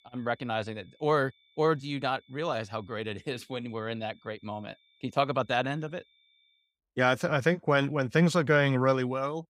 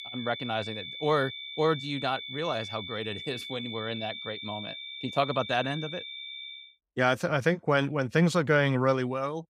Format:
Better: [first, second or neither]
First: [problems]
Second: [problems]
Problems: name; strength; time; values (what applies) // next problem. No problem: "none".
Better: first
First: high-pitched whine; faint; until 6.5 s; 3.5 kHz, 35 dB below the speech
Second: high-pitched whine; loud; until 6.5 s; 3.5 kHz, 9 dB below the speech